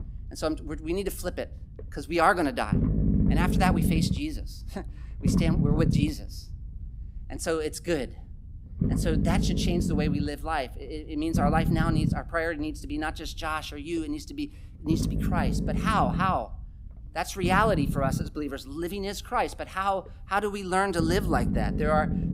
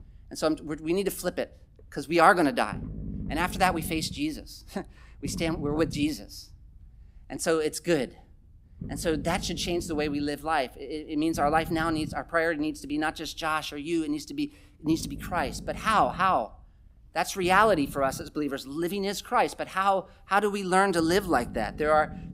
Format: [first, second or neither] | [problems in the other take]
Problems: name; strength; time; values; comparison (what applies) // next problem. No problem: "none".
second | low rumble; loud; throughout; 7 dB below the speech; faint in the second